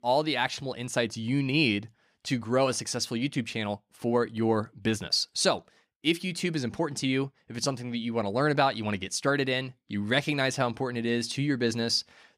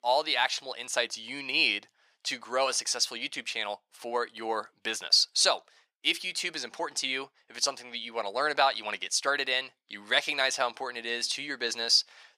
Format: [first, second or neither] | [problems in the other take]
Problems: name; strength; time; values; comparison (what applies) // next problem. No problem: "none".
first | thin; very; fading below 750 Hz